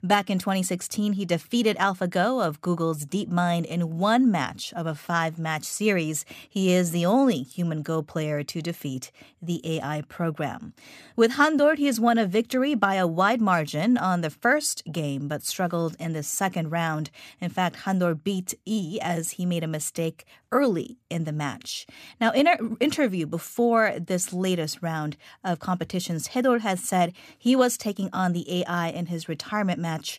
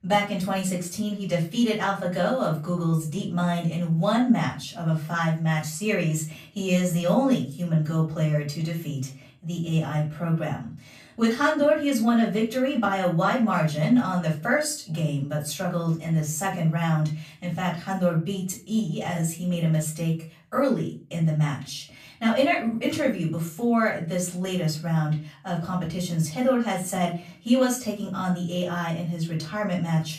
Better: first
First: none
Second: off-mic speech; far // room echo; slight; dies away in 0.3 s

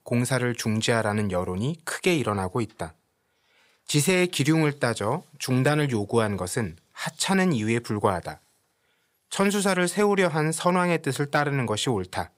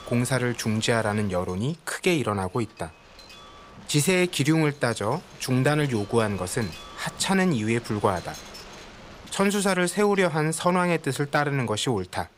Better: first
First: none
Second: wind noise on the microphone; occasional gusts; 20 dB below the speech

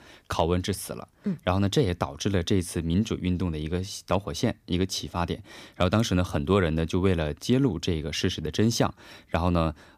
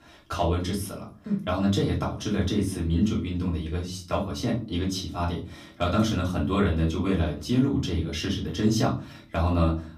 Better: first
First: none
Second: off-mic speech; far // room echo; slight; dies away in 0.4 s

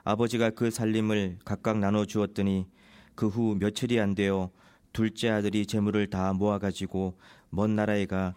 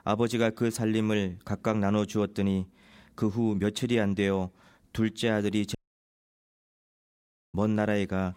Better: first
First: none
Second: audio cutting out; at 6 s for 2 s

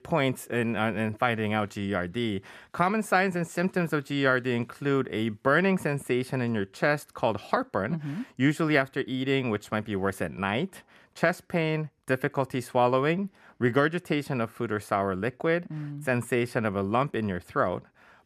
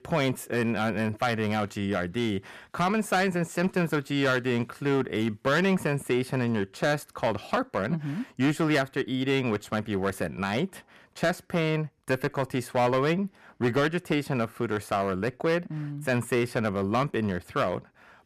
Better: first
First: none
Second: distortion; slight; 5% of the sound clipped

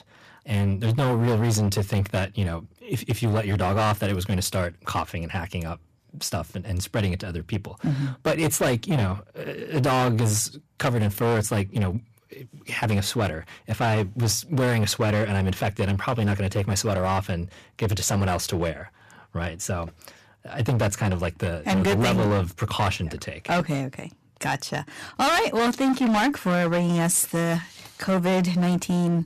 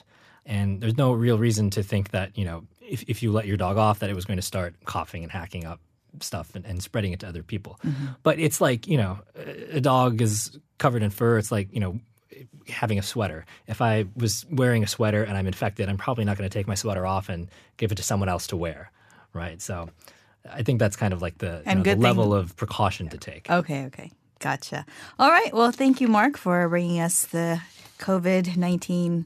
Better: second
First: distortion; heavy; 14% of the sound clipped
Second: none

